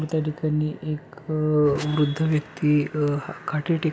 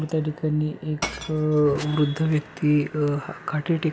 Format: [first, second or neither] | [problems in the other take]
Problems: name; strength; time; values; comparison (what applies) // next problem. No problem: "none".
first | background sound (Shatter / Crushing); 16 dB below the speech